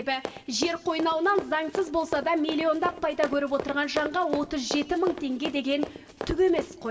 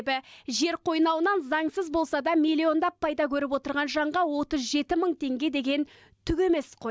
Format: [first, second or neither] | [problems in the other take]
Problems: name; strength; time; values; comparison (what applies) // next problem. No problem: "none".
second | background sound (Run); 10 dB below the speech // room echo; dies away in 1.4 s